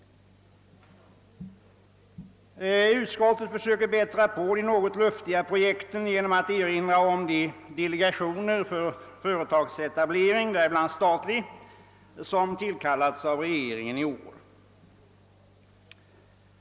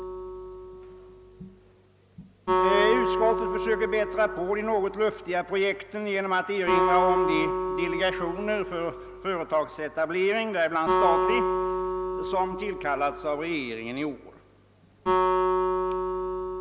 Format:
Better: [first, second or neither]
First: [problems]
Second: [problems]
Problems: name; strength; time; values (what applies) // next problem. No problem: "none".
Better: first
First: none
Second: background sound (Acoustic guitar); as loud as the speech